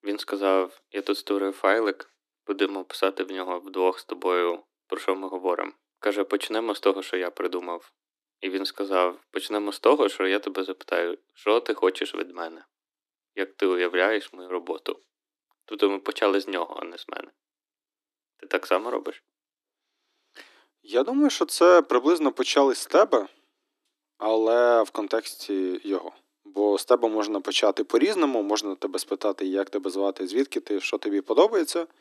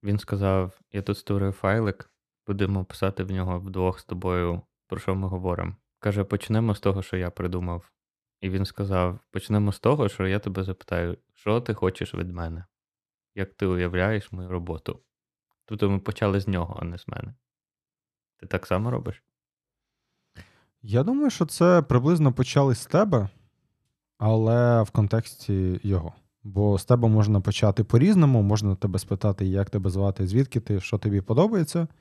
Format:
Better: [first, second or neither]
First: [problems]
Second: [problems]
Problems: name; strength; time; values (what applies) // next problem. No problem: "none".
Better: second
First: thin; somewhat; fading below 300 Hz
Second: none